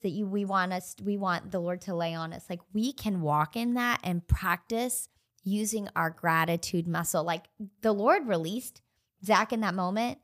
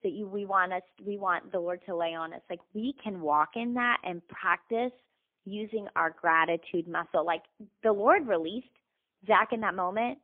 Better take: first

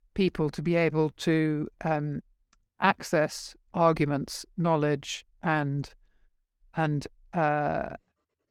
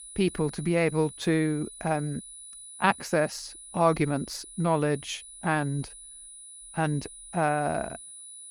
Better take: first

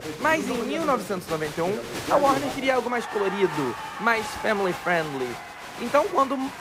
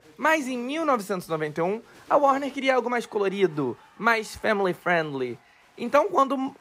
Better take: second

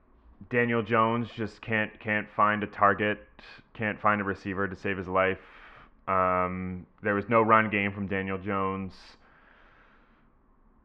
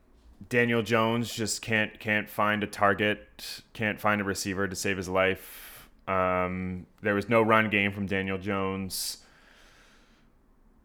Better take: second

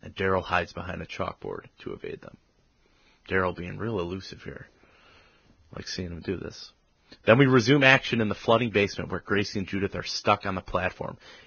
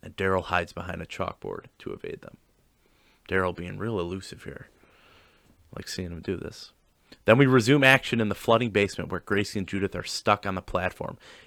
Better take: second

